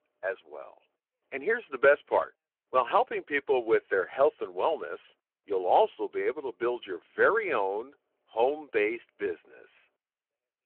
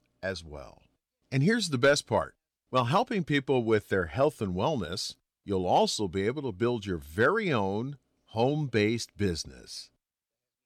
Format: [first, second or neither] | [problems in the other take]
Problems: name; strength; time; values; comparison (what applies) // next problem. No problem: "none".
second | phone-call audio